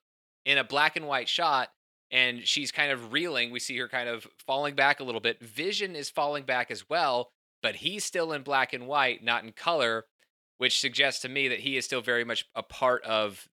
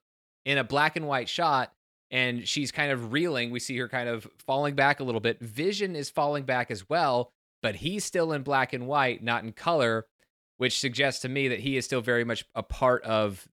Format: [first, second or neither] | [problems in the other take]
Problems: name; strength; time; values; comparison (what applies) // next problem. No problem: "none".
second | thin; very slightly; fading below 500 Hz